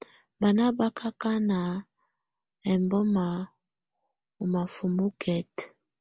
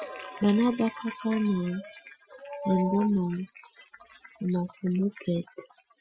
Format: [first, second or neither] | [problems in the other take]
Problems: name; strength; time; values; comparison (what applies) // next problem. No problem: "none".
first | noise reduction (classical method Wiener filter)